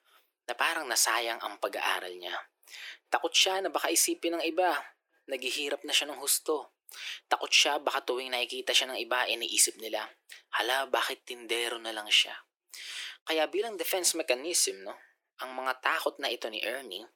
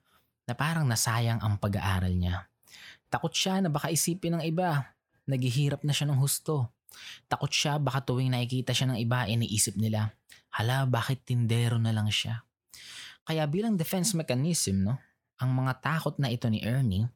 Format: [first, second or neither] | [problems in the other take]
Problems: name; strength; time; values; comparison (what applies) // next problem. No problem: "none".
second | thin; very; fading below 350 Hz